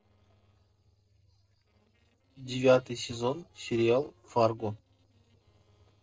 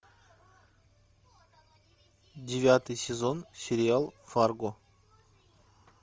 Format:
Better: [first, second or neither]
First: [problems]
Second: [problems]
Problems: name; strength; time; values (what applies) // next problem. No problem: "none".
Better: second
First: noise reduction (neural separator model SepFormer DNS4)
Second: none